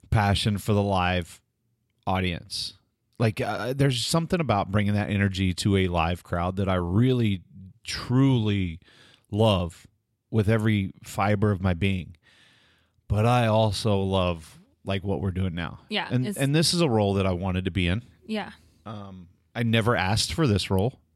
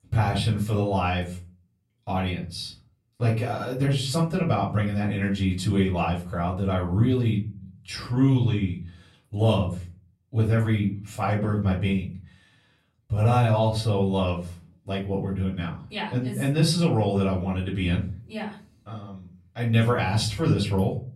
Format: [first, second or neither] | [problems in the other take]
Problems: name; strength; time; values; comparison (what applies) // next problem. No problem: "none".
first | room echo; slight; dies away in 0.4 s // off-mic speech; far